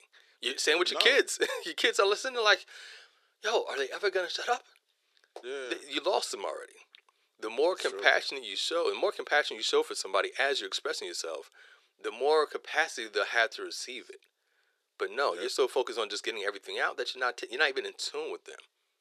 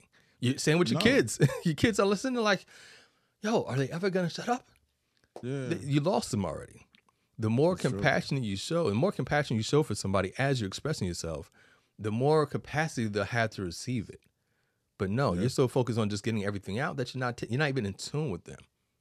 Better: second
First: thin; very; fading below 350 Hz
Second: none

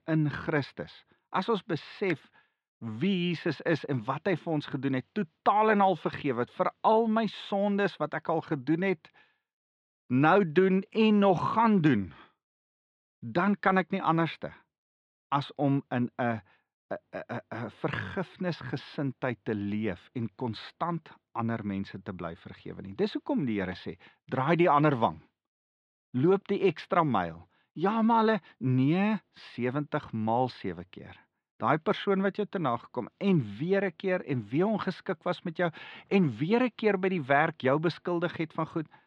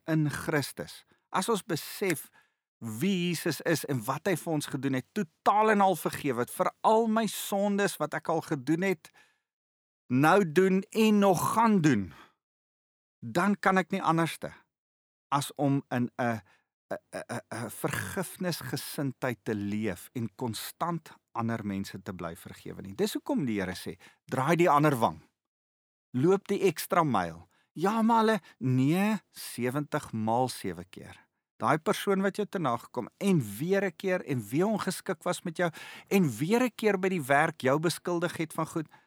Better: second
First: muffled; slightly; fading above 3.5 kHz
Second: none

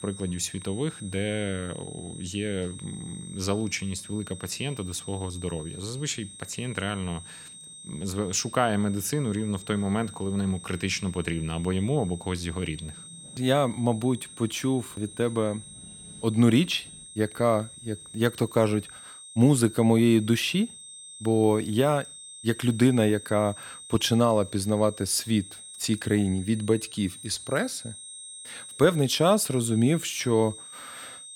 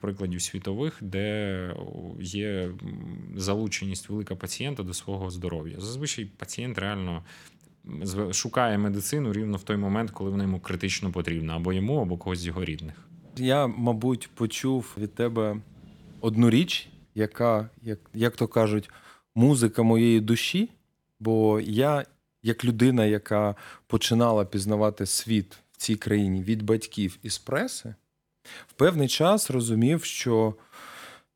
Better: second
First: high-pitched whine; noticeable; throughout; 8.5 kHz, 15 dB below the speech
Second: none

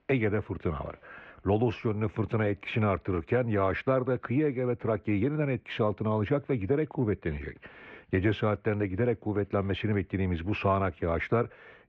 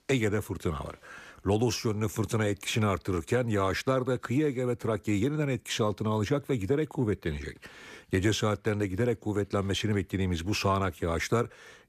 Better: second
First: muffled; very; fading above 2.5 kHz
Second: none

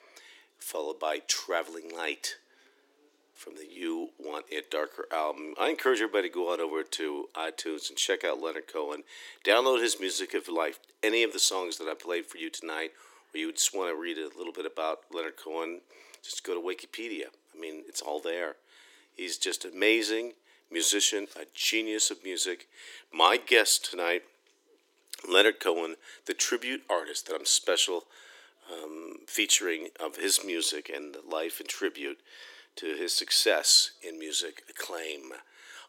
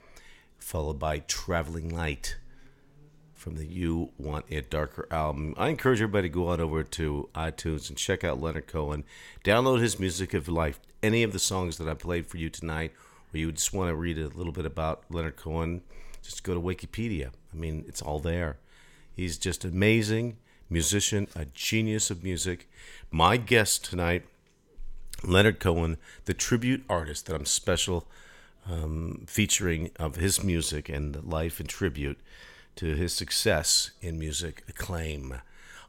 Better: second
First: thin; very; fading below 300 Hz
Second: none

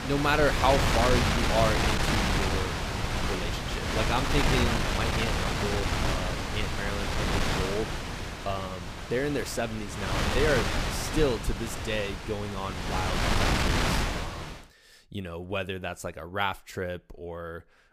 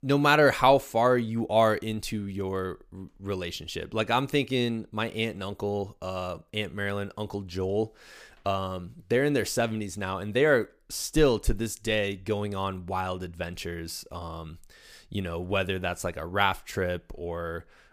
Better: second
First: wind noise on the microphone; heavy; until 15 s; 2 dB above the speech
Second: none

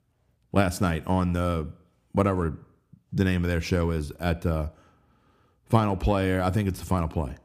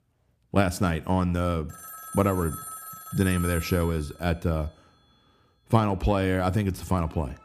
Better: first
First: none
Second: alarms or sirens; noticeable; throughout; 10 dB below the speech

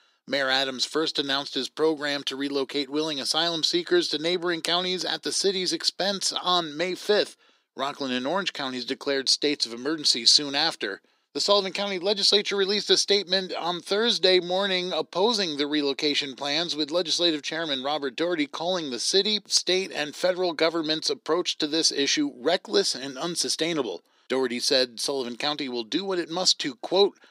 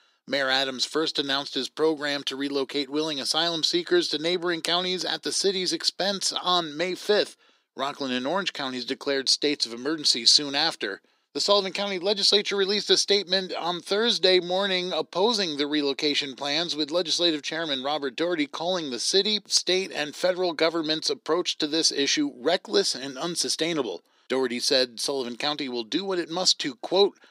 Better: neither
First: thin; somewhat; fading below 300 Hz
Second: thin; somewhat; fading below 300 Hz

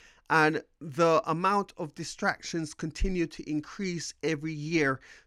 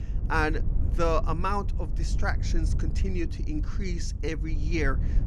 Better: first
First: none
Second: low rumble; noticeable; throughout; 15 dB below the speech

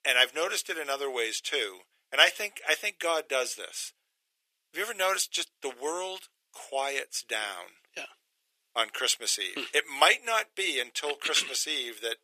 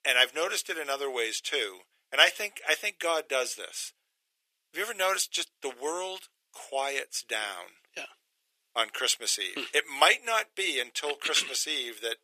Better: neither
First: thin; very; fading below 400 Hz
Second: thin; very; fading below 400 Hz

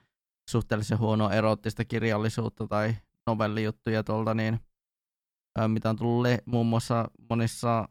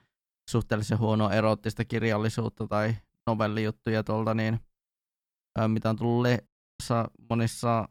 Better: first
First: none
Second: audio cutting out; at 6.5 s

